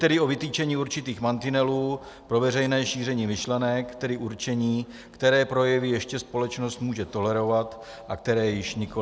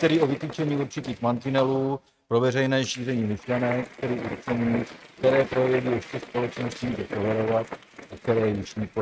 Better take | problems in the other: first | noise reduction (neural mask model RNNoise)

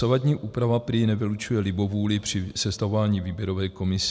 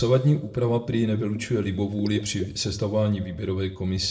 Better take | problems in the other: first | noise reduction (neural separator model SepFormer DNS4)

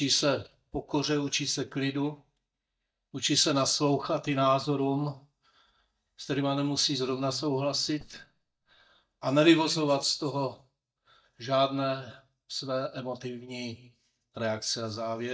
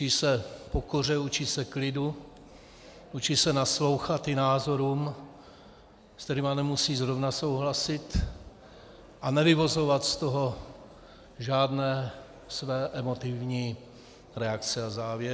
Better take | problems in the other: second | noise reduction (neural mask model DeepFilterNet 3)

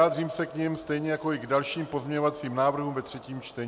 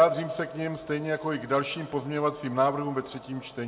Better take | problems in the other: first | room echo; dies away in 0.8 s

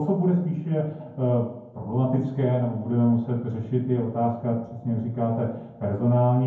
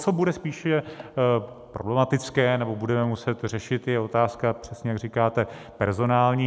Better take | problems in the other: second | room echo; dies away in 0.9 s

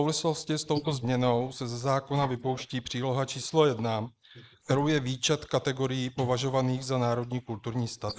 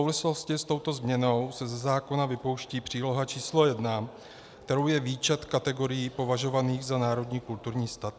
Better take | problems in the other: second | noise reduction (neural mask model Resemble Enhance denoiser)

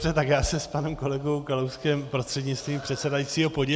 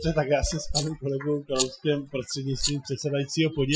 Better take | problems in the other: first | noise reduction (classical method Wiener filter)

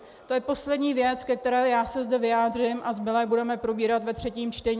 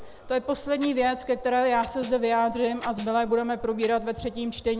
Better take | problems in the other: first | background sound (Snare drum + Clock); 19 dB below the speech

